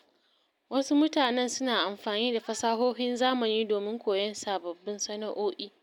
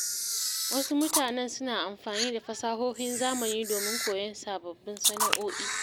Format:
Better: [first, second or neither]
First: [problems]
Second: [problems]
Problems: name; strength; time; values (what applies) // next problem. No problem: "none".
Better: first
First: none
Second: background sound (Camera); 1 dB below the speech